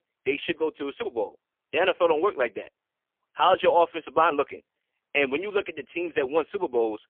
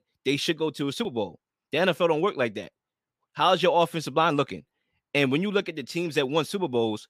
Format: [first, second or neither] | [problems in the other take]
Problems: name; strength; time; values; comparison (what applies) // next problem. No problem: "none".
second | phone-call audio; poor line; nothing above 3 kHz